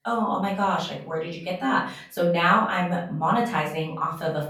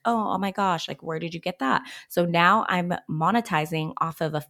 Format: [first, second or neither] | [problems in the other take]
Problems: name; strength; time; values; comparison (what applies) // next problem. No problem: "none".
second | off-mic speech; far // room echo; slight; dies away in 0.5 s